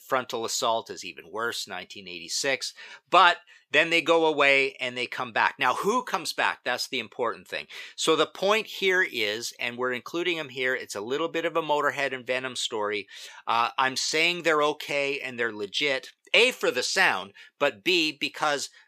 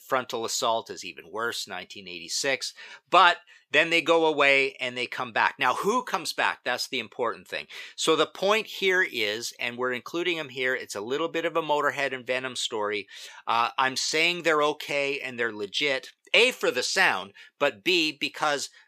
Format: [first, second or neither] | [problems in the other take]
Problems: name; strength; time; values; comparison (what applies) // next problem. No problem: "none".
neither | thin; very; fading below 450 Hz; the same in both